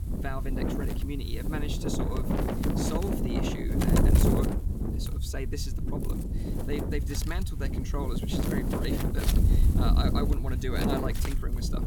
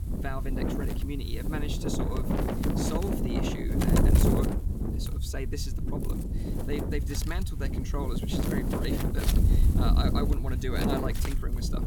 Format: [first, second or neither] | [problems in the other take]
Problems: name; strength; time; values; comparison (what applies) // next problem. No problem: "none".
neither | wind noise on the microphone; heavy; 2 dB above the speech; the same in both